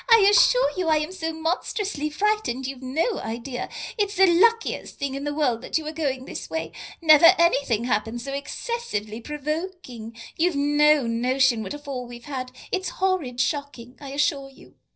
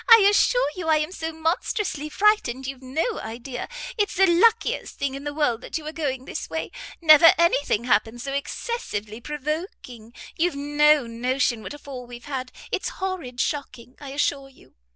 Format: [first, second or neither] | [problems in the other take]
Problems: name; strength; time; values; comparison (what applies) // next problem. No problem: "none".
second | noise reduction (neural separator model SepFormer DNS4)